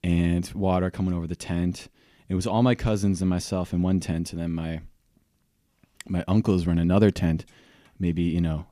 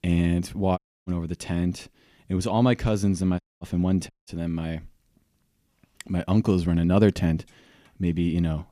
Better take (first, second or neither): first